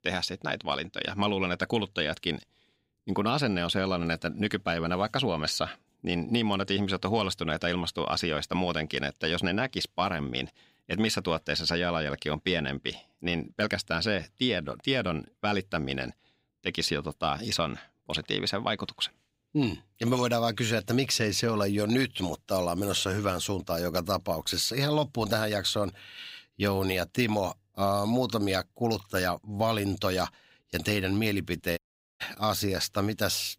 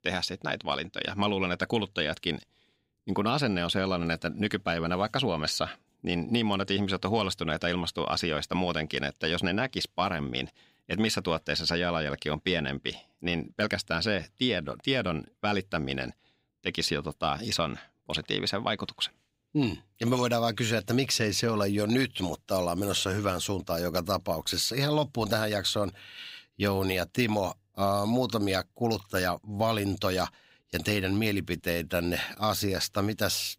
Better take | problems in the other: second | audio cutting out; at 32 s

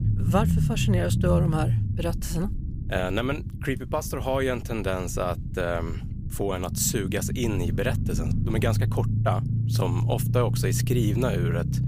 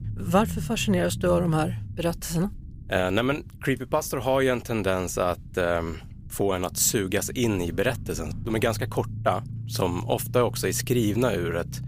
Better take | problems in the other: second | low rumble; loud; throughout; 10 dB below the speech; faint in the second

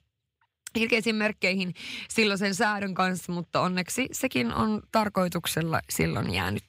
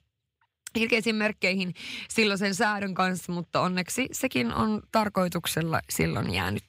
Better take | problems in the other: neither | none

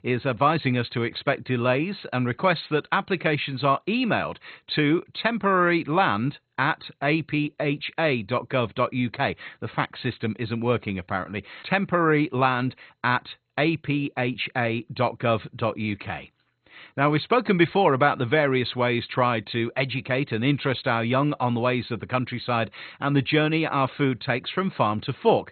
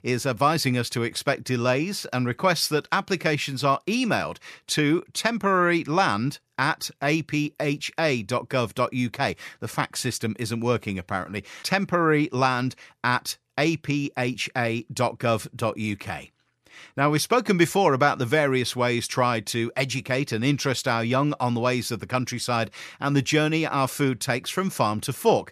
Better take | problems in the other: second | garbled, watery; badly; nothing above 4 kHz

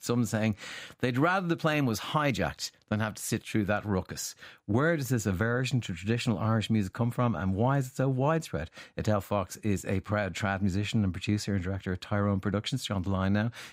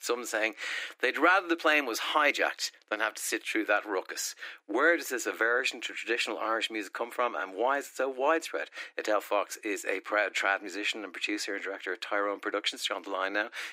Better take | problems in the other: first | thin; very; fading below 300 Hz

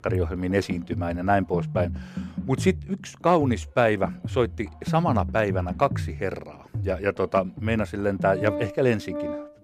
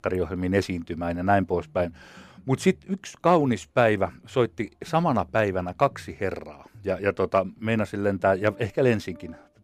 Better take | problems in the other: second | background music; loud; throughout; 8 dB below the speech; faint in the second

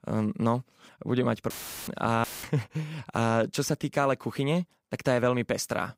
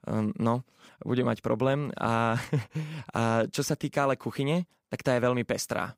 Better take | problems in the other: second | audio cutting out; filled with static; at 1.5 s and at 2 s

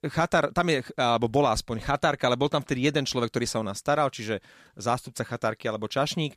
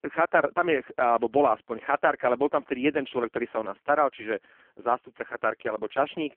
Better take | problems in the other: first | phone-call audio; poor line

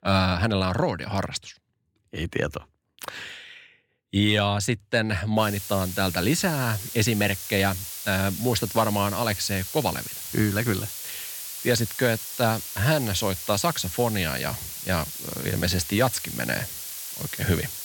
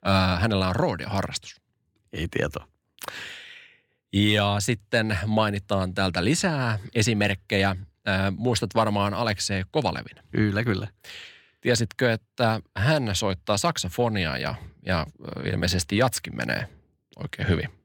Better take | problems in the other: second | hiss; loud; from 5.5 s on; 7 dB below the speech

